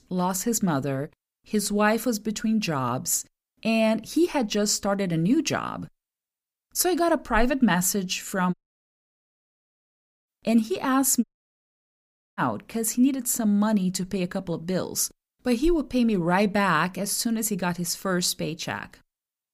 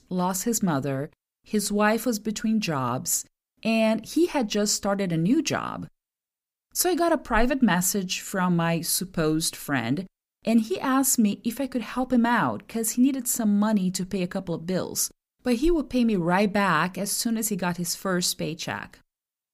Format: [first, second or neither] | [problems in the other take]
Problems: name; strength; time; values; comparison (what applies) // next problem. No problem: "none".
second | audio cutting out; at 8.5 s for 1.5 s and at 11 s for 1 s